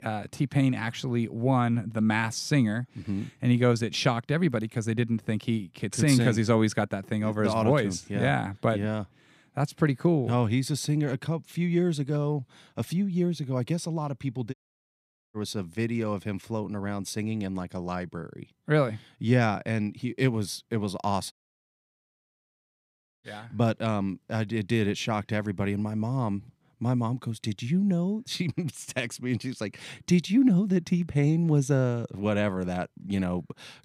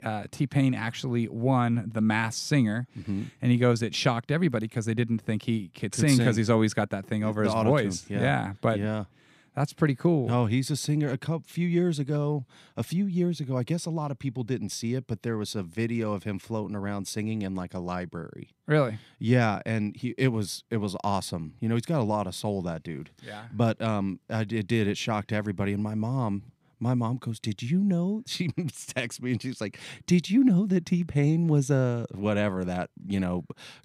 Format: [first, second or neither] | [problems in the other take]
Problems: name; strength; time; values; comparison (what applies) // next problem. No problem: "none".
second | audio cutting out; at 15 s for 1 s and at 21 s for 2 s